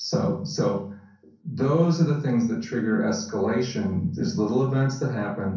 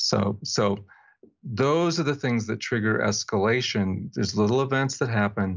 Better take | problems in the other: second | room echo; dies away in 0.6 s

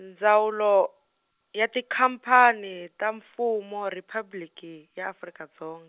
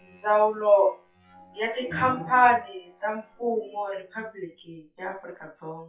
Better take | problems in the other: first | noise reduction (classical method WPE with log-MMSE)

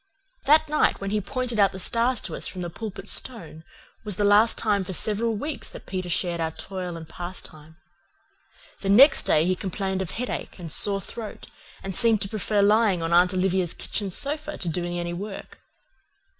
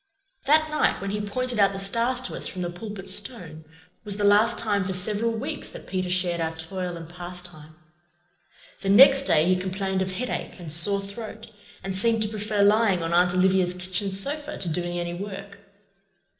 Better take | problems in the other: first | noise reduction (neural separator model SepFormer DNS4)

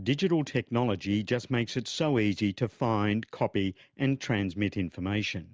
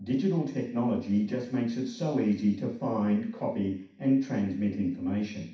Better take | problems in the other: first | room echo; dies away in 0.6 s

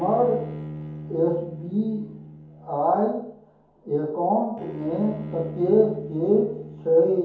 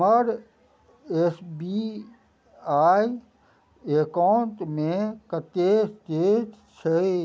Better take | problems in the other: second | background sound (Bowed string instrument); 14 dB below the speech // room echo; dies away in 0.7 s

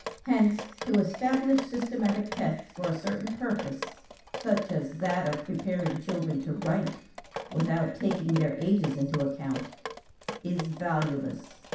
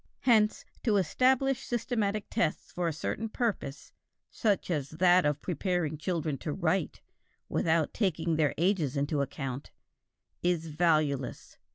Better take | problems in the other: second | background sound (Drip); 12 dB below the speech // room echo; dies away in 0.7 s

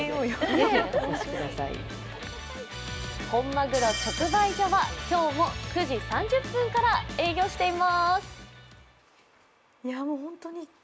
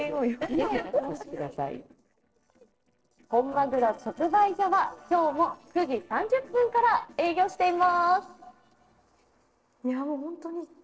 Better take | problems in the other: first | noise reduction (neural separator model SepFormer DNS4)

